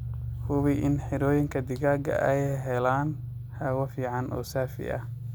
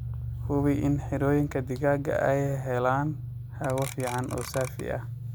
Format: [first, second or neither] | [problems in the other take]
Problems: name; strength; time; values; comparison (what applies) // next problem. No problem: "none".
first | background sound (Clock); 14 dB below the speech